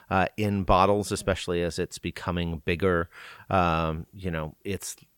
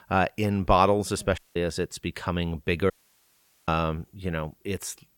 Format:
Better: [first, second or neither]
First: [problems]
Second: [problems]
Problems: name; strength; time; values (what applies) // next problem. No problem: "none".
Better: first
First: none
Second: audio cutting out; at 1.5 s and at 3 s for 1 s